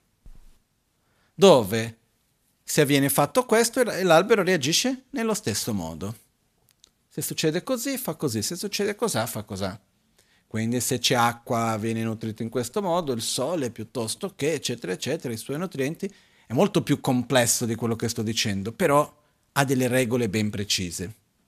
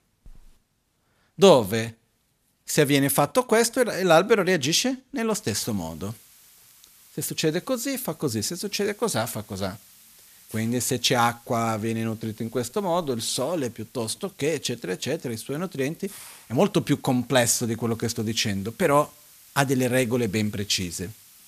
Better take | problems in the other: first | hiss; faint; from 5.5 s on; 25 dB below the speech

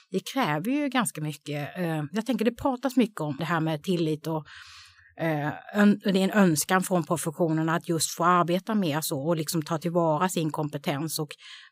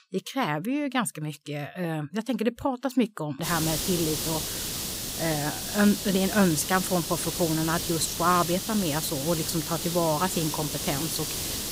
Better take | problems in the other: first | hiss; loud; from 3.5 s on; 2 dB below the speech

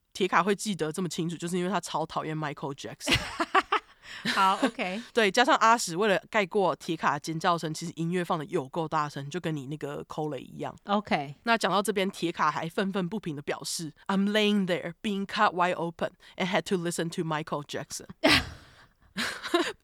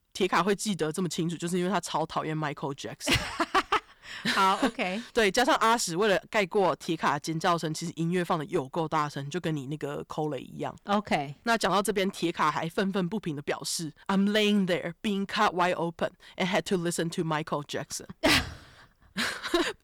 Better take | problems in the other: first | distortion; slight; 4% of the sound clipped

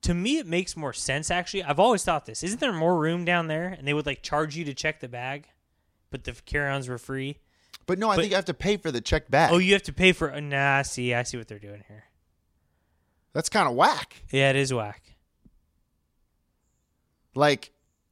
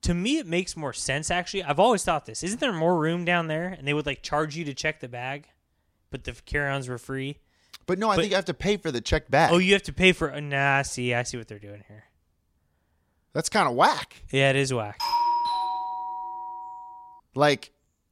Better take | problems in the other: first | doorbell; loud; from 15 to 17 s; peak 1 dB above the speech

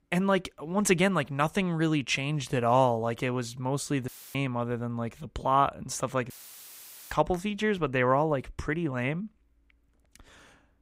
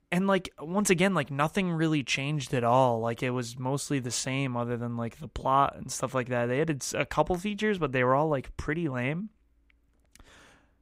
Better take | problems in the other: second | audio cutting out; filled with static; at 4 s and at 6.5 s for 1 s

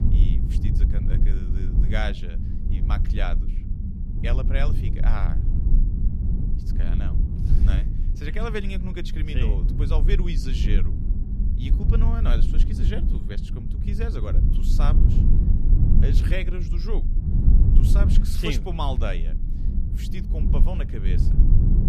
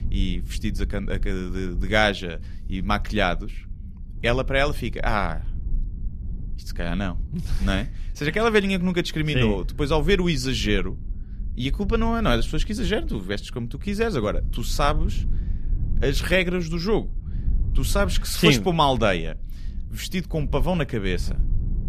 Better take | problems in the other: second | low rumble; loud; throughout; 4 dB below the speech; faint in the second

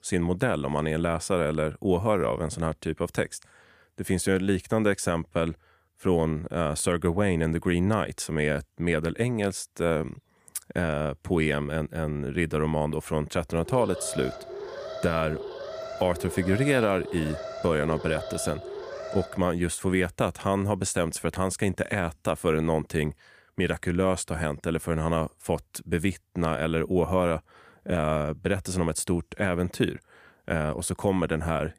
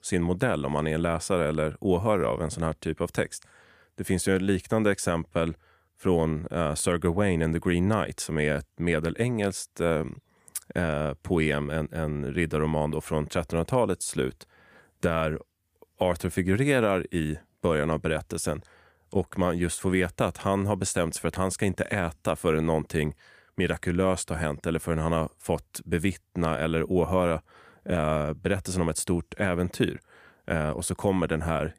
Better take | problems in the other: second | alarm; noticeable; from 14 to 19 s; peak 9 dB below the speech

